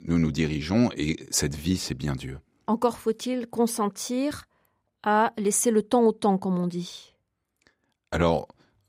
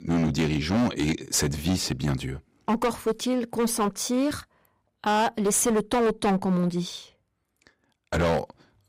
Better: first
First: none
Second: distortion; heavy; 12% of the sound clipped

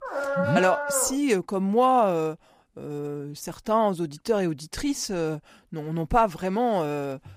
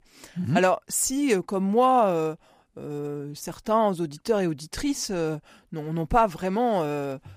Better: second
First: dog barking; noticeable; until 1 s; peak 1 dB below the speech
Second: none

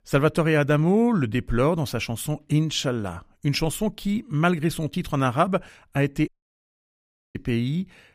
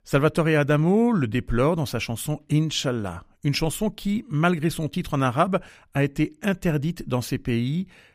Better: second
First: audio cutting out; at 6.5 s for 1 s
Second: none

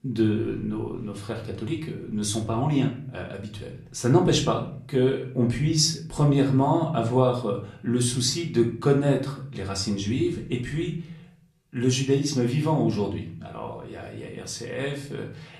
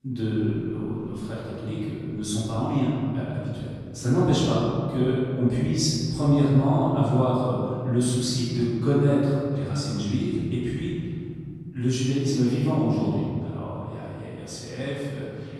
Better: first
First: room echo; slight; dies away in 0.5 s // off-mic speech; somewhat distant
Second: room echo; strong; dies away in 2.8 s // off-mic speech; far

